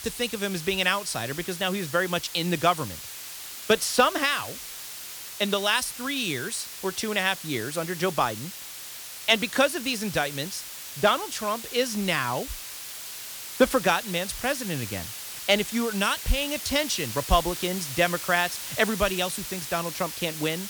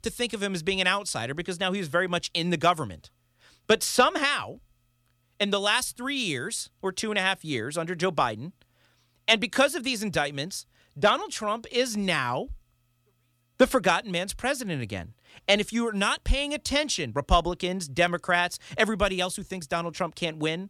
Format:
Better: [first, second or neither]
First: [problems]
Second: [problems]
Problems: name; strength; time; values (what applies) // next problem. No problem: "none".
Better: second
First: hiss; loud; throughout; 9 dB below the speech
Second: none